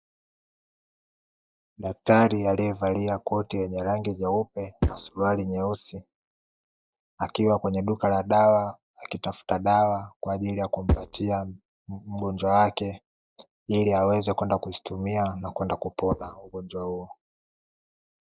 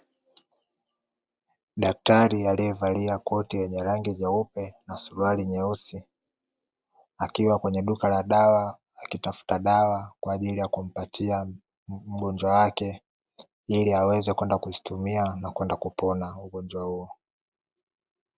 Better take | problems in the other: second | noise reduction (neural mask model DeepFilterNet 3)

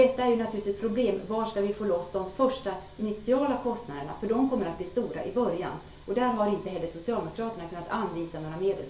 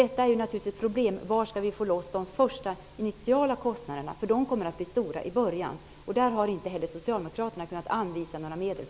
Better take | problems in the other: second | room echo; dies away in 0.4 s

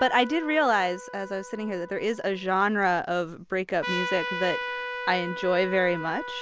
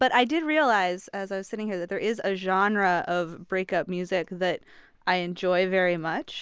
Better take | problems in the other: second | background sound (Trumpet); 9 dB below the speech

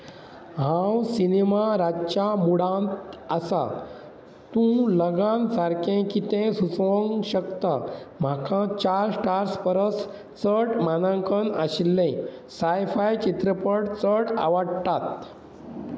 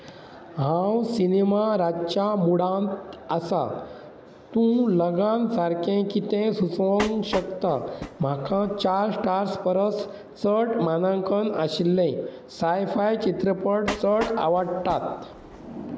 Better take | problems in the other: first | background sound (Train); 13 dB below the speech

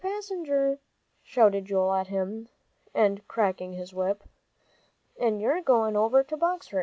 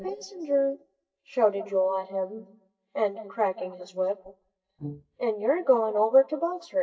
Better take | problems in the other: first | noise reduction (neural mask model DeepFilterNet 3)

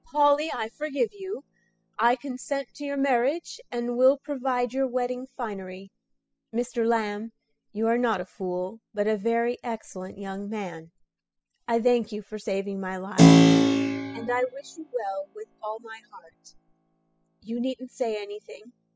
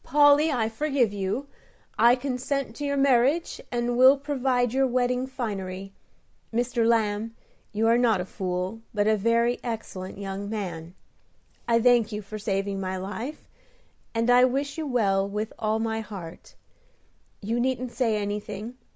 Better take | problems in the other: second | noise reduction (classical method spectral subtraction)

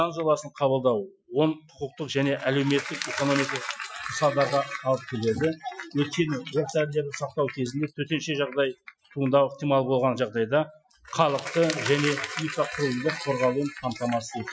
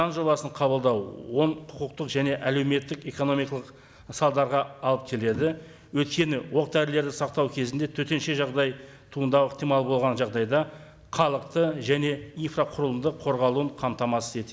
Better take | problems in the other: second | noise reduction (classical method Wiener filter)

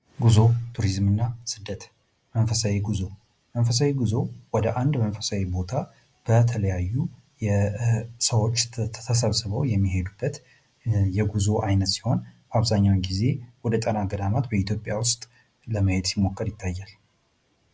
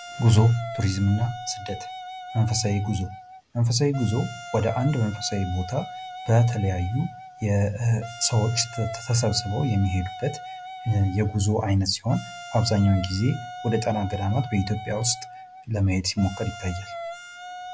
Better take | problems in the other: first | background sound (Wind instrument, woodwind instrument); 14 dB below the speech

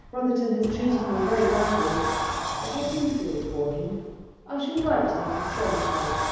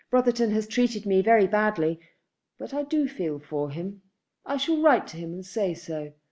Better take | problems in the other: second | background sound (Sliding door); 4 dB below the speech // room echo; dies away in 1.2 s

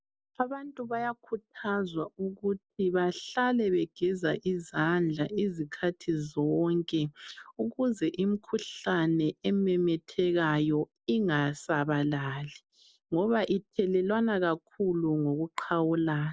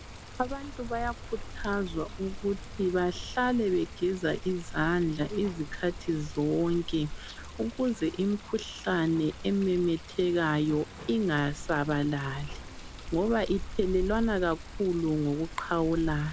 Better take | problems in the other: first | background sound (Water); 11 dB below the speech

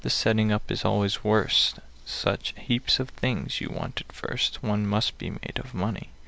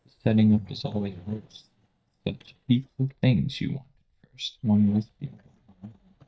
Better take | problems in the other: first | noise reduction (neural mask model DeepFilterNet 3)

